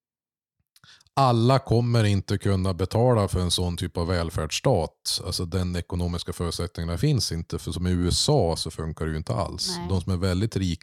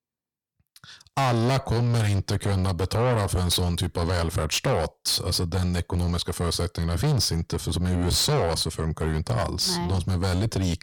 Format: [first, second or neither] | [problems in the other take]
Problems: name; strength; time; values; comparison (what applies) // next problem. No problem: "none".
first | distortion; heavy; 6 dB below the speech